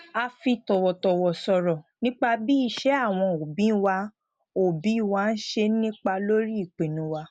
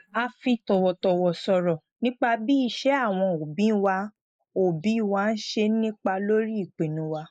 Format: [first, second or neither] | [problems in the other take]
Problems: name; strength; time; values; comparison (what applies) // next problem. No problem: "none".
first | noise reduction (neural mask model Resemble Enhance denoiser)